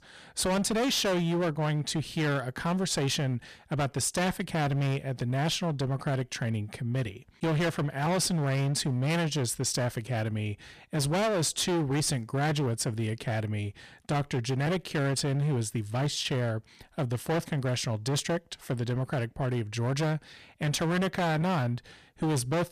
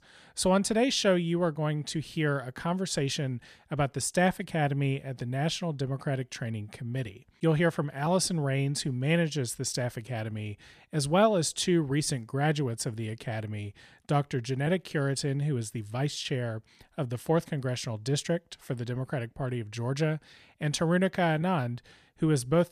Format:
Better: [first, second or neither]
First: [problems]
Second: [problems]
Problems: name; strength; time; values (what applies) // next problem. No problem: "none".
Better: second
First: distortion; heavy; 20% of the sound clipped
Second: none